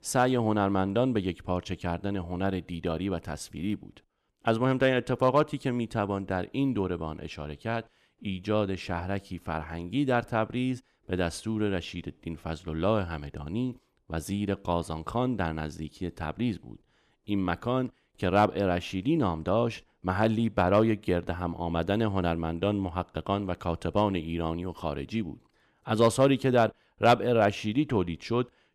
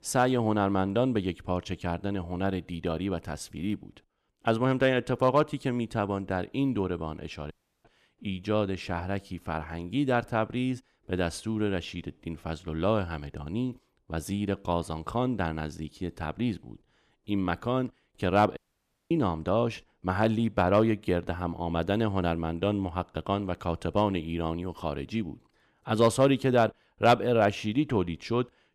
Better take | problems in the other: first | audio cutting out; at 7.5 s and at 19 s for 0.5 s

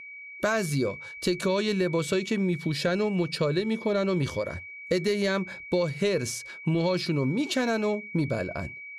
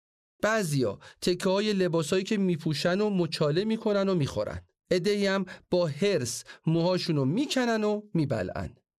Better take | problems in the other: second | high-pitched whine; noticeable; throughout; 2.5 kHz, 10 dB below the speech

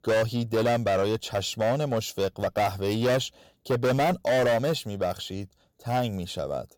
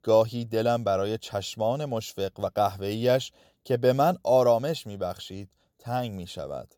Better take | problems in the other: second | distortion; heavy; 14% of the sound clipped

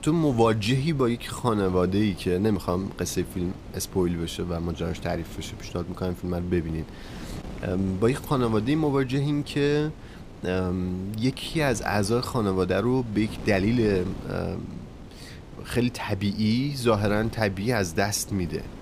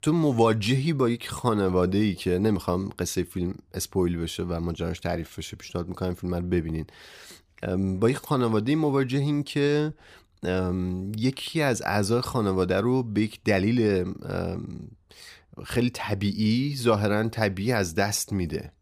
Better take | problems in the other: second | wind noise on the microphone; occasional gusts; 20 dB below the speech

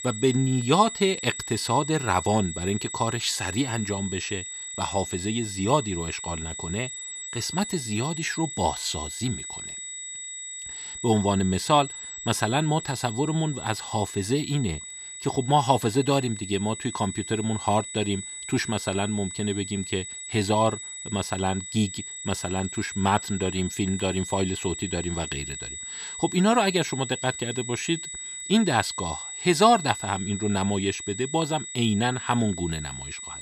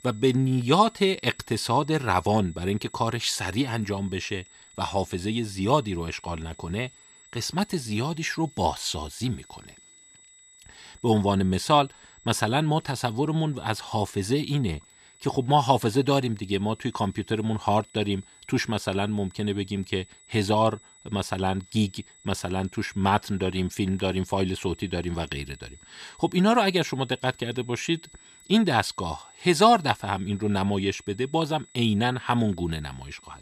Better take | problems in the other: second | high-pitched whine; loud; throughout; 8 kHz, 8 dB below the speech; faint in the second

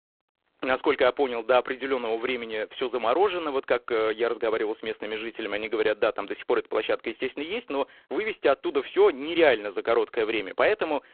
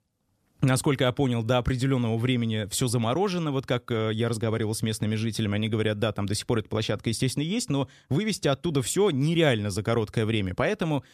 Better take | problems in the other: second | phone-call audio; poor line

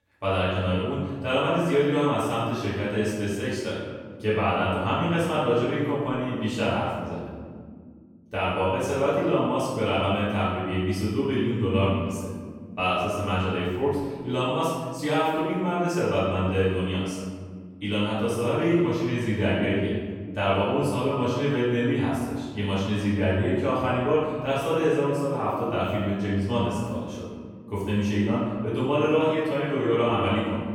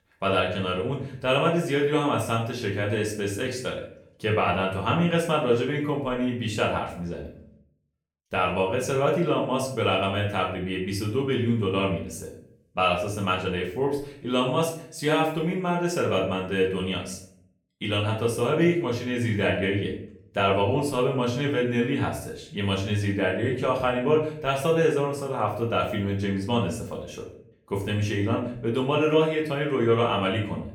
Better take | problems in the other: second | room echo; strong; dies away in 1.7 s; slight in the second // off-mic speech; far; far in the second

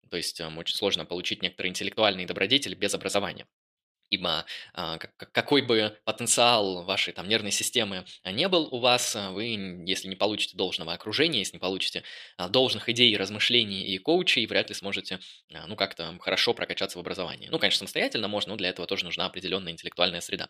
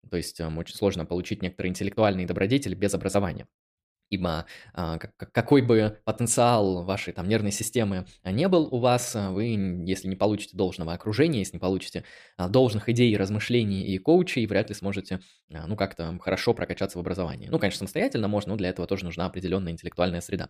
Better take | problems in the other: second | thin; very slightly; fading below 950 Hz

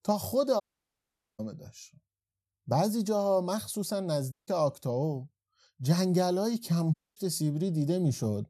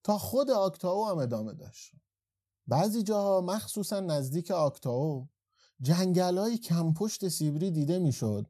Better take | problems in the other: second | audio cutting out; at 0.5 s for 1 s, at 4.5 s and at 7 s

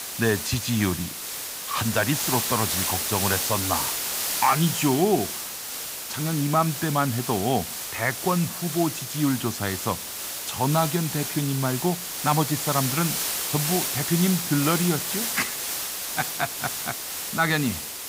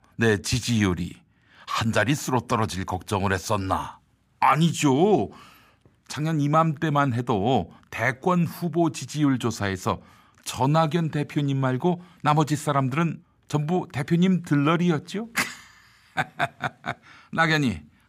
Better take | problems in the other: second | hiss; loud; throughout; 2 dB below the speech

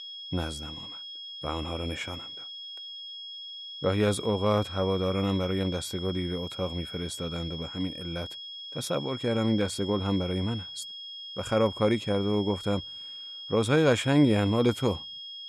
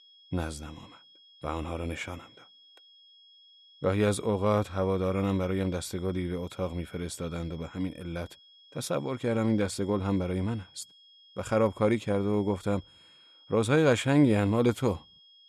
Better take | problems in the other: second | high-pitched whine; loud; throughout; 3.5 kHz, 10 dB below the speech; faint in the second

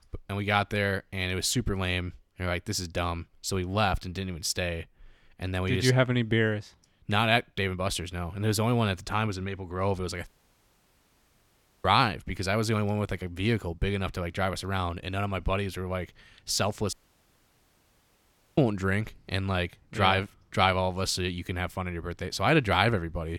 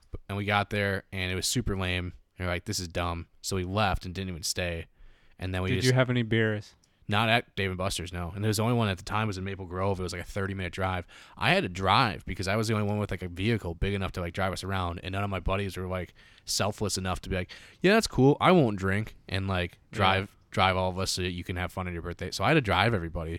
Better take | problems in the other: second | audio cutting out; at 10 s for 1.5 s and at 17 s for 1.5 s

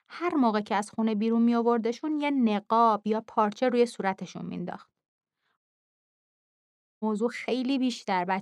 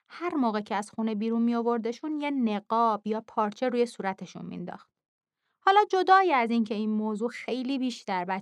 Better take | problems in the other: second | audio cutting out; at 5.5 s for 1.5 s

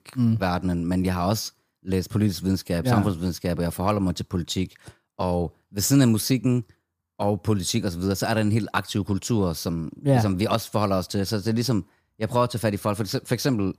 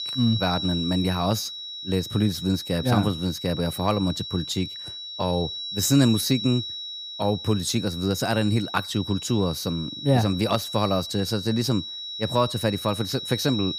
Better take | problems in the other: first | high-pitched whine; loud; throughout; 4 kHz, 7 dB below the speech

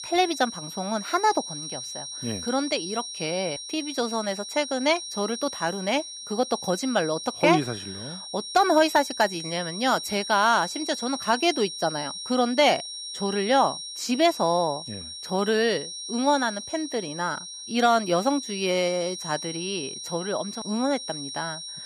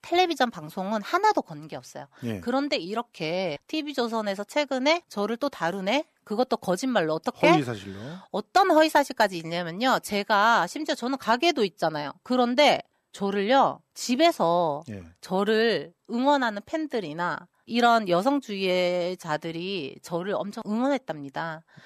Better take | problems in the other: second | high-pitched whine; loud; throughout; 5.5 kHz, 8 dB below the speech

